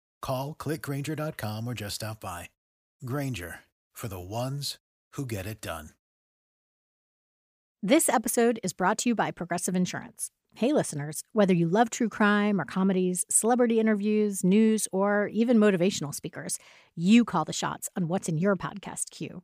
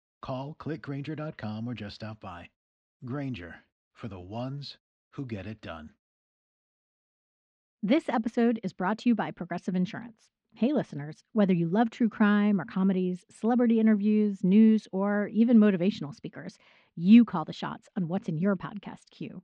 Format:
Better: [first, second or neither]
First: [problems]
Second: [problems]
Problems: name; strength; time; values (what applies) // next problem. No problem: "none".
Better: first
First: none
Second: muffled; slightly; fading above 4 kHz